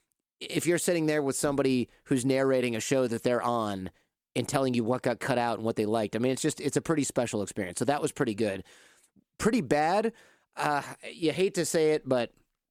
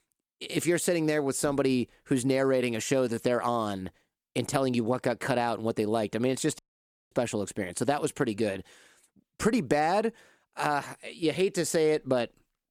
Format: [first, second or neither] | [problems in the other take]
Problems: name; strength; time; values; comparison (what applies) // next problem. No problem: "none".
first | audio cutting out; at 6.5 s for 0.5 s